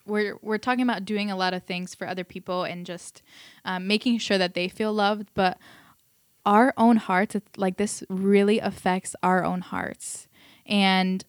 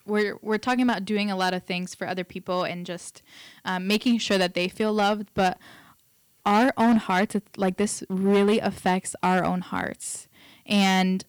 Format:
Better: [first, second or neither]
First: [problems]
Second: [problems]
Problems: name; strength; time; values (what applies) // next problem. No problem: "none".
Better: first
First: none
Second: distortion; slight; 4% of the sound clipped